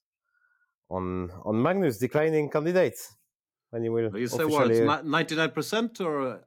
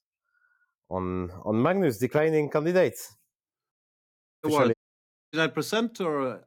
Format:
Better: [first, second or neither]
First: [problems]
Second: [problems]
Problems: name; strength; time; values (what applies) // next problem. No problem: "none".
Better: first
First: none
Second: audio cutting out; at 3.5 s for 0.5 s and at 4.5 s for 0.5 s